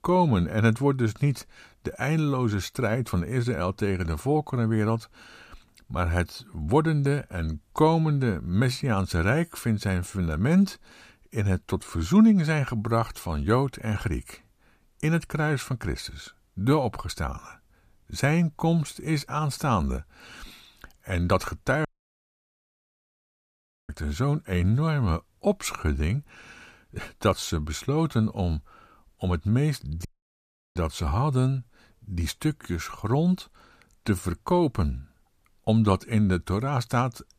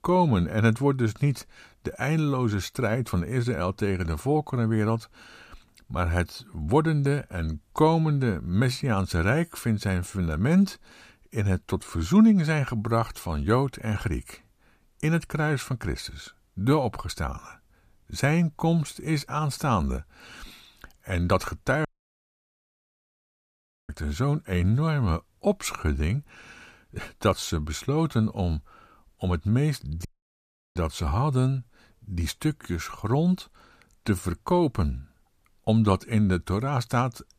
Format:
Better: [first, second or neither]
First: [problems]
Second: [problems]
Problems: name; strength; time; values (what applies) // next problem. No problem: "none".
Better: neither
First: audio cutting out; at 22 s for 2 s and at 30 s for 0.5 s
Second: audio cutting out; at 22 s for 2 s and at 30 s for 0.5 s